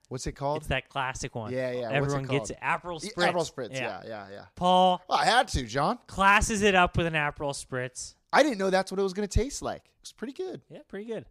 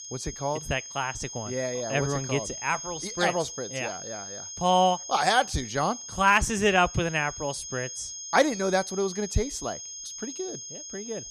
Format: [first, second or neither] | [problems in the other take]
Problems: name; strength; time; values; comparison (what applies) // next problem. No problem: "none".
first | high-pitched whine; loud; throughout; 6.5 kHz, 10 dB below the speech